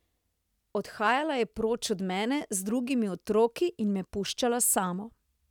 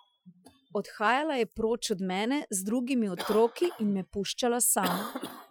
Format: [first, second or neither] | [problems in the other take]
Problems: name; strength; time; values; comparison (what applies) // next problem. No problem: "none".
first | noise reduction (classical method Wiener filter)